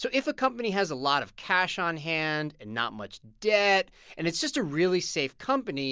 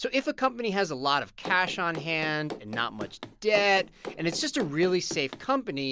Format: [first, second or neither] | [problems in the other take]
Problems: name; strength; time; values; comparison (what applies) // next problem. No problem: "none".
first | background sound (Run); 13 dB below the speech